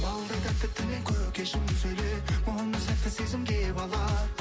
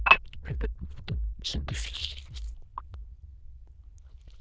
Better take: first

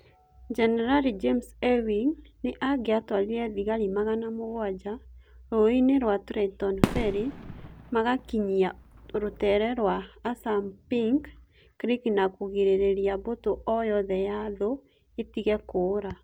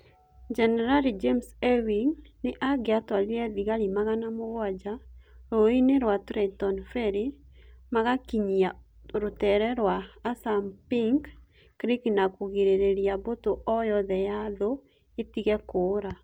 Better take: second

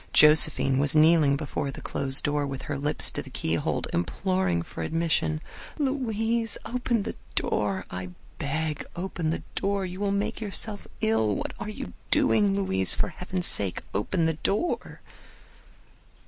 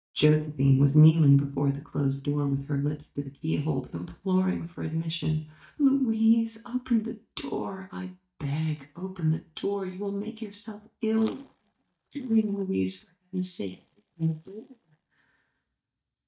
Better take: first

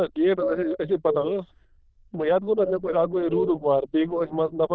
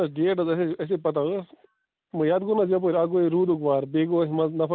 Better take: second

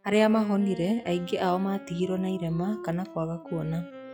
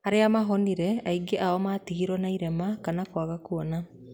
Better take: second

